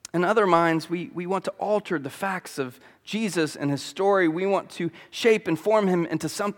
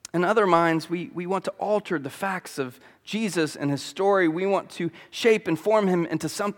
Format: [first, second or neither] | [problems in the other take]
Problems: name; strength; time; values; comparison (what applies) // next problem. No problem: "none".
neither | none